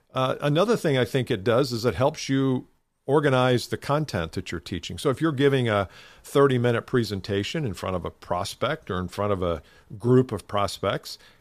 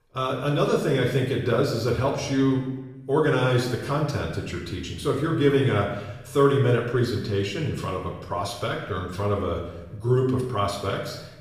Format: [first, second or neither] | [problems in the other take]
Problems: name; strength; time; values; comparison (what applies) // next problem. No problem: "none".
first | off-mic speech; far // room echo; noticeable; dies away in 0.9 s